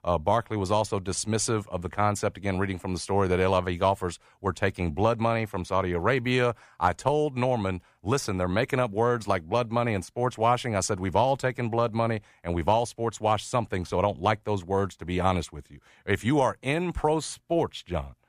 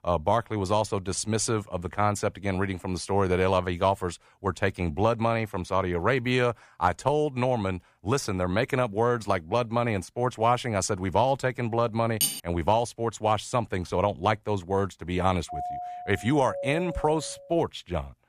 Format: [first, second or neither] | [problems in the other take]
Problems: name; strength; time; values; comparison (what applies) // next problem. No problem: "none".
first | clattering dishes; loud; at 12 s; peak level with the speech // doorbell; noticeable; from 15 to 18 s; peak 7 dB below the speech